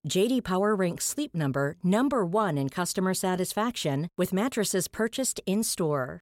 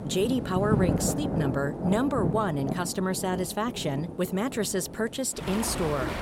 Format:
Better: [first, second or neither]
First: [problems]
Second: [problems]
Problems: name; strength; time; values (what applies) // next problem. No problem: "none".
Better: first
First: none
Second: rain or running water; loud; throughout; 4 dB below the speech